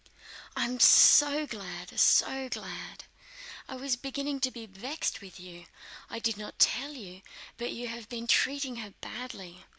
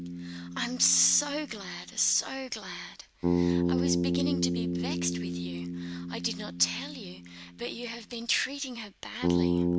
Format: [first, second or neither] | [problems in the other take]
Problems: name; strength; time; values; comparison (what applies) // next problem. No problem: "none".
first | background sound (Bass guitar); 2 dB above the speech